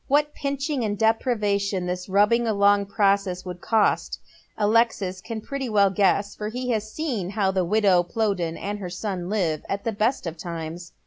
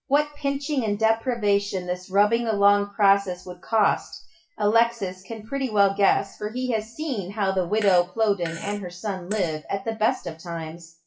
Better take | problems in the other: first | noise reduction (classical method WPE with log-MMSE)

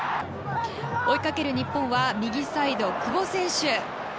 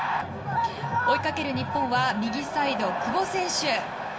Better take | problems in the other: first | room echo; dies away in 0.3 s

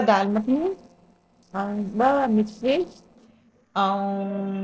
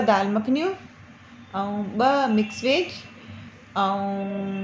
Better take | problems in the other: second | noise reduction (neural separator model SepFormer DNS4)

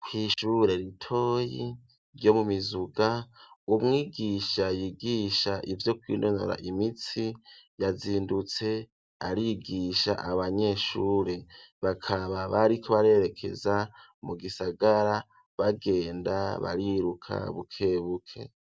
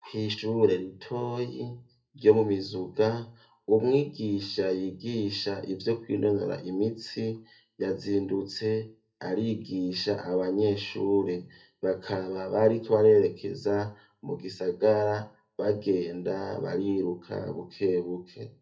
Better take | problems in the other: first | room echo; dies away in 0.3 s

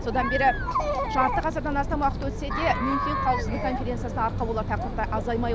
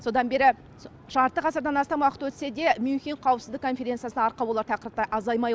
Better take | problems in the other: second | background sound (Chatter); as loud as the speech

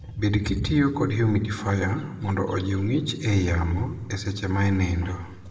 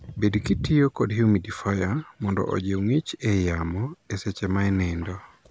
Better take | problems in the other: second | room echo; dies away in 1.1 s

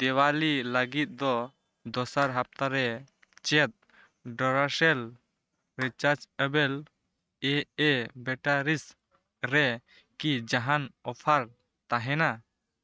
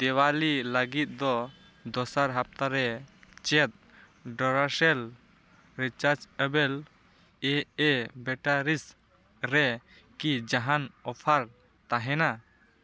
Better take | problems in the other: second | noise reduction (neural mask model RNNoise)

